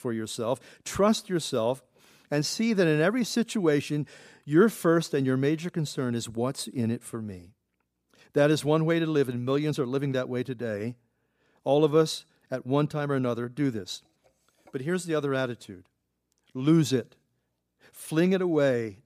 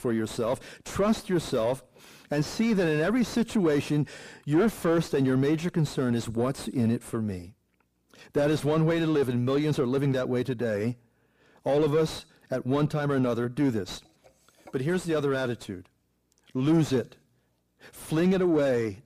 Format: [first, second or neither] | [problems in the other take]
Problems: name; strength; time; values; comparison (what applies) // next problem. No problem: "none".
first | distortion; heavy; 7 dB below the speech